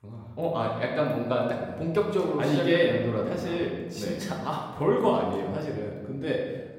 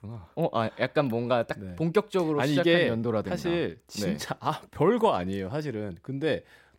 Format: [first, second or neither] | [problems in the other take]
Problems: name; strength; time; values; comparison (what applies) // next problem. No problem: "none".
second | room echo; noticeable; dies away in 1.1 s // off-mic speech; somewhat distant